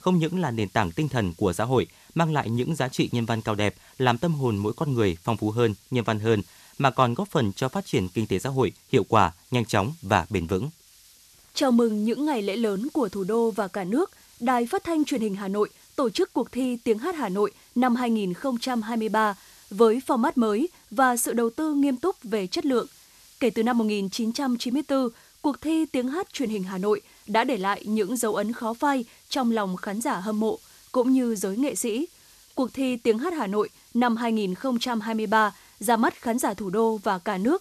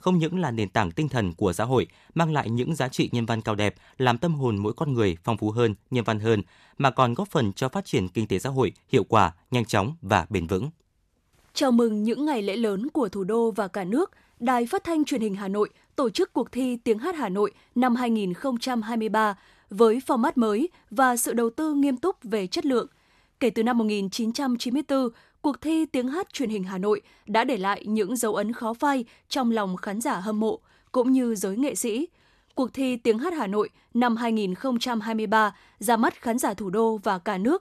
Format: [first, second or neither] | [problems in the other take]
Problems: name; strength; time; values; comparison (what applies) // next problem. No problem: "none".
second | hiss; faint; throughout; 25 dB below the speech